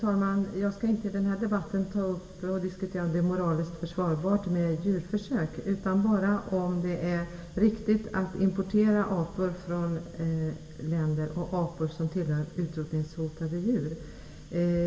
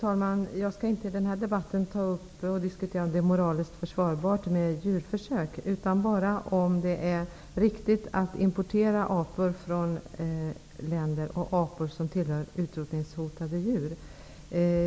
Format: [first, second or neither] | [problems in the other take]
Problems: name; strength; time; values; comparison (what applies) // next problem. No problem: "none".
second | room echo; dies away in 1.5 s